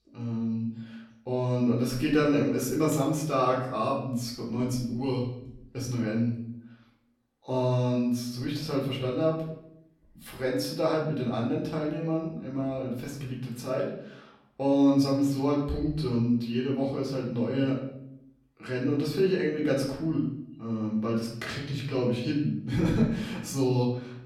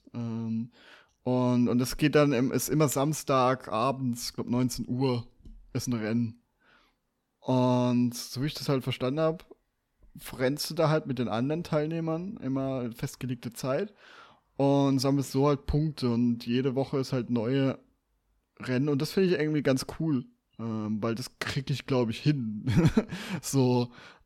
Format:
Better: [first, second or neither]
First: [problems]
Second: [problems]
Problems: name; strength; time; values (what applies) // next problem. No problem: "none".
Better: second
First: off-mic speech; far // room echo; noticeable; dies away in 0.6 s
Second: none